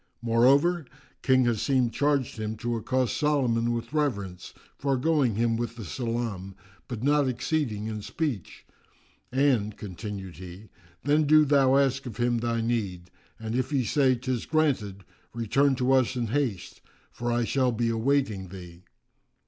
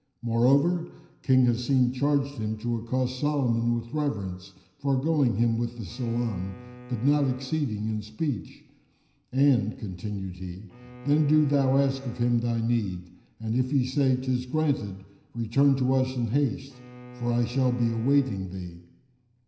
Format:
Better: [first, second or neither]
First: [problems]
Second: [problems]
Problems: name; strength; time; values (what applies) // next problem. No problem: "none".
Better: first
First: none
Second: background sound (Bowed string instrument); 20 dB below the speech // room echo; dies away in 0.9 s